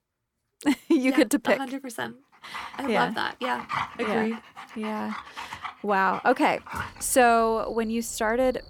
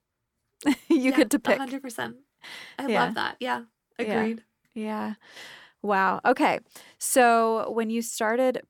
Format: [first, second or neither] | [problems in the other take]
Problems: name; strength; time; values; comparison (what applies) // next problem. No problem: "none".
second | animal sounds; noticeable; from 2.5 s on; 10 dB below the speech